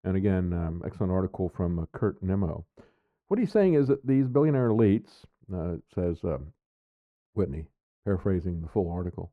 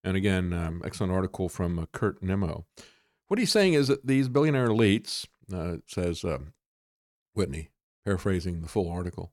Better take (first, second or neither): second